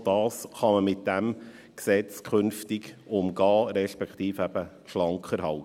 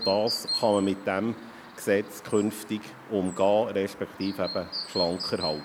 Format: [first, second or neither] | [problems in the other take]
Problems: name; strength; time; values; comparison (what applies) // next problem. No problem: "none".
first | background sound (Chirp, tweet); 10 dB below the speech